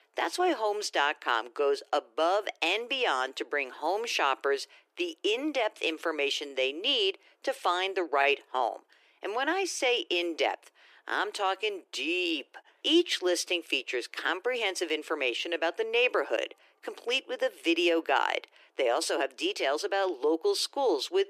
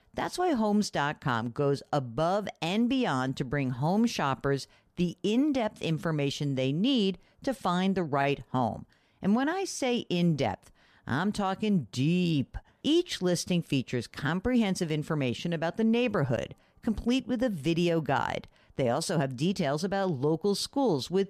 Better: second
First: thin; very; fading below 300 Hz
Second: none

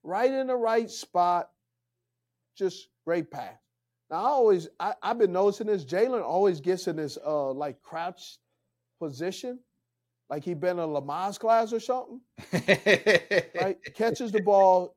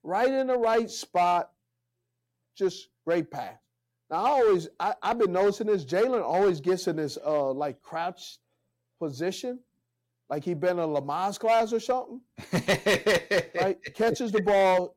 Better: first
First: none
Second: distortion; slight; 5% of the sound clipped

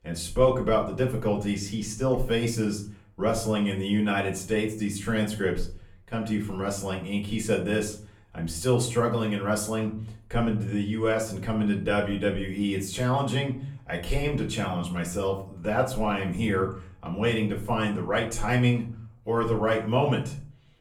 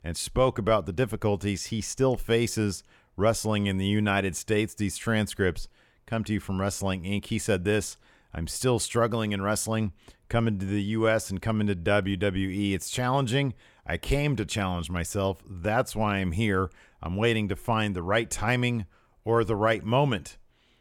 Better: second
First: off-mic speech; far // room echo; slight; dies away in 0.4 s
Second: none

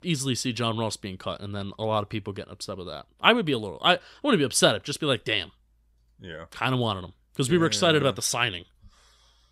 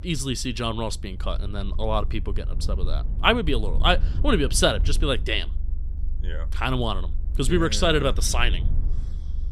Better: first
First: none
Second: low rumble; faint; throughout; 25 dB below the speech

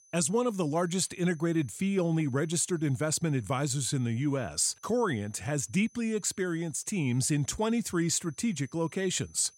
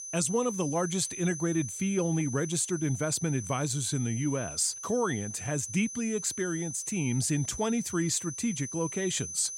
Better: first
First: high-pitched whine; faint; throughout; 6 kHz, 30 dB below the speech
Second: high-pitched whine; loud; throughout; 6 kHz, 8 dB below the speech

